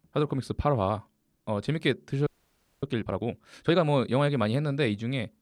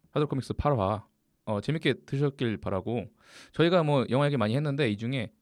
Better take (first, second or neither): second